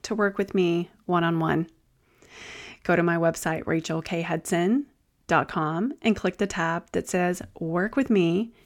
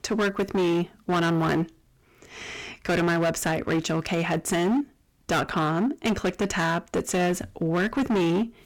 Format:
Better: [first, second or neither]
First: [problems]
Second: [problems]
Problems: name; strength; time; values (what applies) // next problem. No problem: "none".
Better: first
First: none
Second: distortion; heavy; 18% of the sound clipped